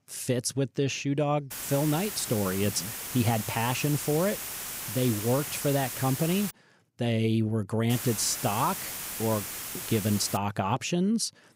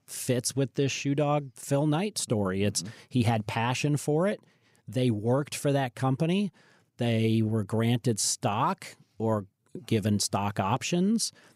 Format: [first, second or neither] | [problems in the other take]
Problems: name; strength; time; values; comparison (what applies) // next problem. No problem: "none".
second | hiss; loud; from 1.5 to 6.5 s and from 8 to 10 s; 6 dB below the speech